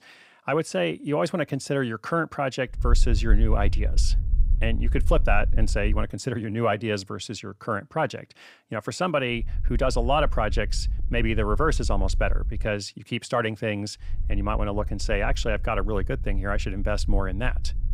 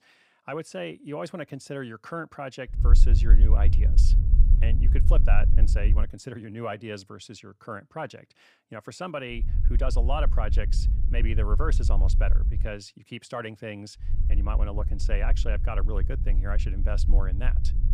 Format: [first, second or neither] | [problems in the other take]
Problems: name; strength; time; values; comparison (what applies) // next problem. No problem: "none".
first | low rumble; loud; from 3 to 6 s, from 9.5 to 13 s and from 14 s on; 9 dB below the speech; faint in the first